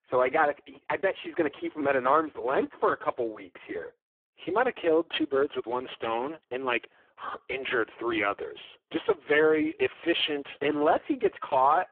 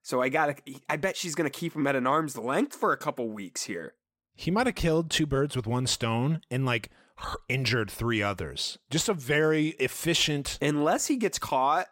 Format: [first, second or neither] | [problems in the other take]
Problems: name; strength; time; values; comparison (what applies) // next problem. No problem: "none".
second | phone-call audio; poor line; nothing above 3 kHz